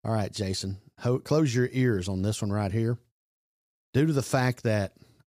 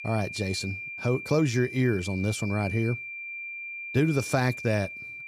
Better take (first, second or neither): first